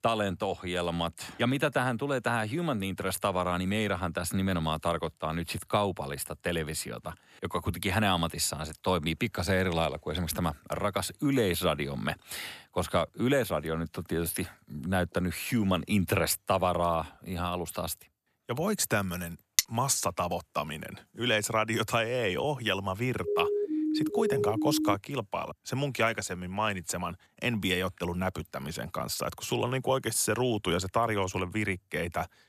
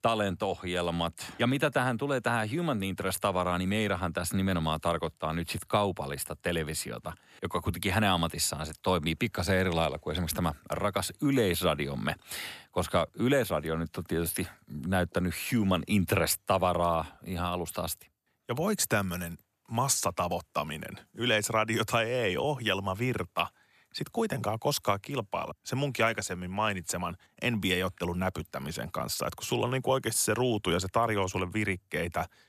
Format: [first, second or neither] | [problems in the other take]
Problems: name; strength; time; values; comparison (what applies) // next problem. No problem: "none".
second | clattering dishes; very faint; at 20 s; peak 3 dB above the speech // siren; loud; from 23 to 25 s; peak 1 dB above the speech